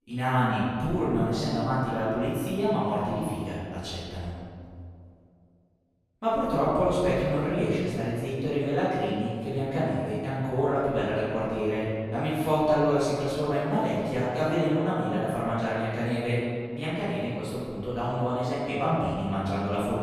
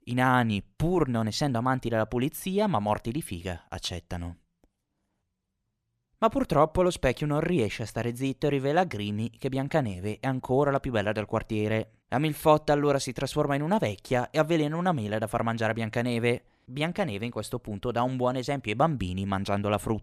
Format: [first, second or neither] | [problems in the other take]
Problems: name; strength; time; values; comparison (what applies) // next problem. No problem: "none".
second | room echo; strong; dies away in 1.9 s // off-mic speech; far